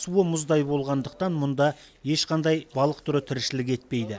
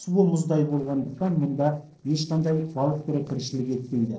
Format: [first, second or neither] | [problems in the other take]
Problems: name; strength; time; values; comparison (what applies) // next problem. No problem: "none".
first | noise reduction (neural separator model SepFormer DNS4)